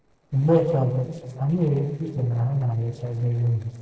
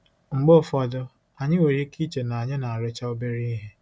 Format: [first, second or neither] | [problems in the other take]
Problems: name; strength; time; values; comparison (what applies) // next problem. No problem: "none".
second | noise reduction (neural separator model SepFormer DNS4)